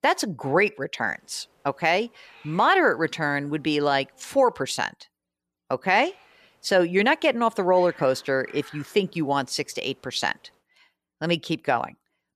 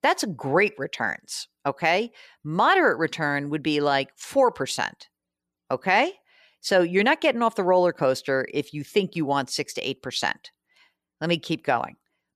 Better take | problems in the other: second | hiss; faint; from 1 to 4.5 s and from 6 to 11 s; 25 dB below the speech

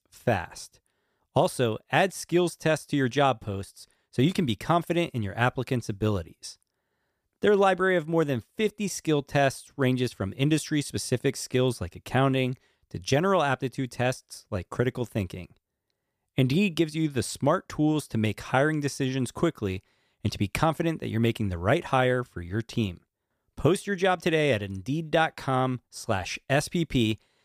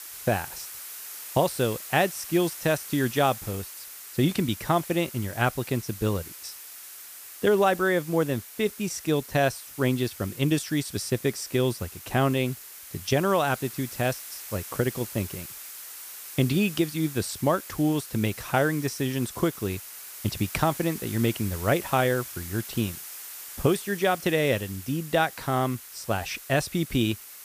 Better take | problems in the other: first | hiss; noticeable; throughout; 10 dB below the speech

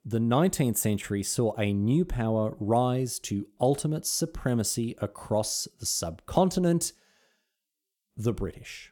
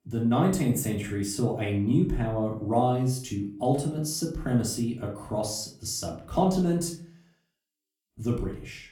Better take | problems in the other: first | off-mic speech; far // room echo; slight; dies away in 0.4 s

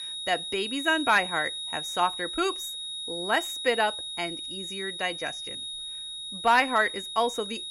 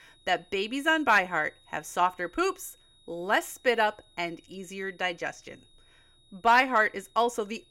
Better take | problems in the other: second | high-pitched whine; loud; throughout; 4 kHz, 6 dB below the speech; faint in the second

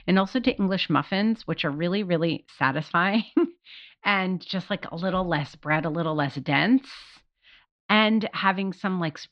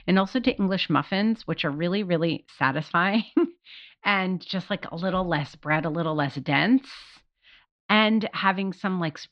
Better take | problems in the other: neither | muffled; very slightly; fading above 4 kHz; the same in both

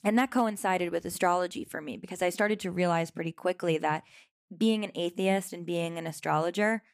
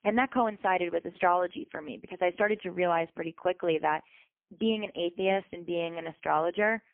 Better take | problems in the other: first | phone-call audio; poor line; nothing above 3.5 kHz

